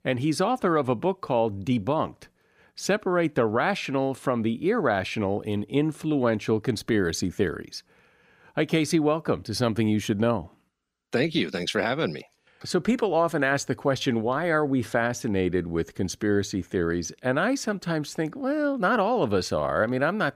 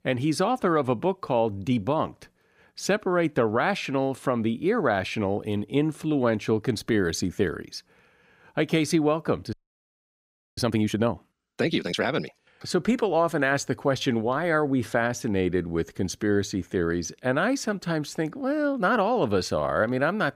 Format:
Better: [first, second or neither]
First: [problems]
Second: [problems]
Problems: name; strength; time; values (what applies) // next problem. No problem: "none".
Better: first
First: none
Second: audio freezing; at 9.5 s for 1 s